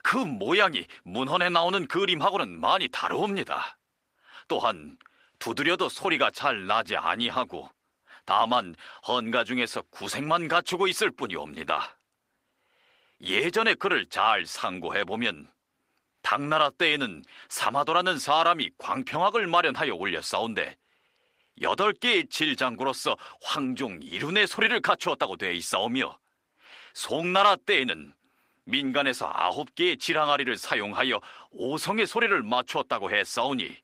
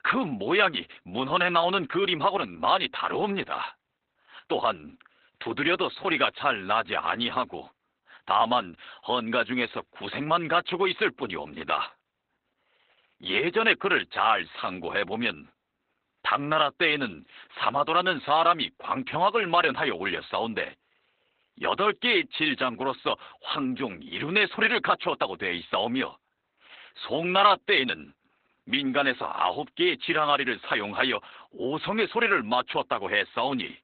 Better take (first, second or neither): first